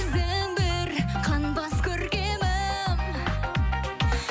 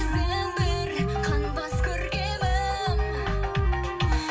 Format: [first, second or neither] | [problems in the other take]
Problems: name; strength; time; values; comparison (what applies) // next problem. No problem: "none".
first | background sound (Wind instrument, woodwind instrument); 8 dB below the speech // room echo; dies away in 0.2 s